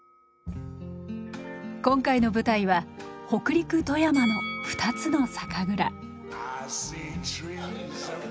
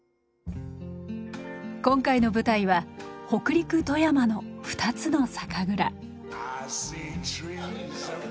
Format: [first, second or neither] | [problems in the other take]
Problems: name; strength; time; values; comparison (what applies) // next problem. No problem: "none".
second | background sound (Bell); 15 dB below the speech